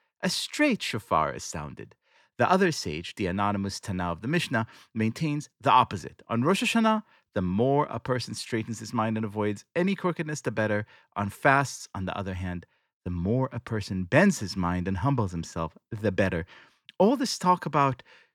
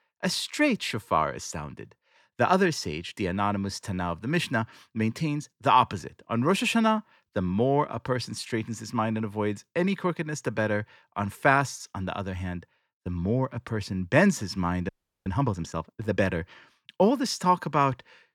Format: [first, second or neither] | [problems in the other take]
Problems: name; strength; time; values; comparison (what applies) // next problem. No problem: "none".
first | audio freezing; at 15 s